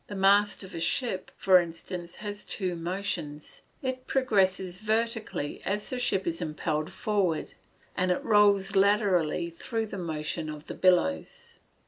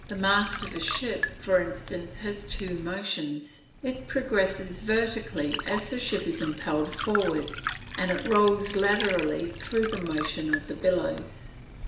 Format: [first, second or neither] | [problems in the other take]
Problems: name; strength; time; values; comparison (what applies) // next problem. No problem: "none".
first | background sound (Liquid); 9 dB below the speech // room echo; dies away in 0.7 s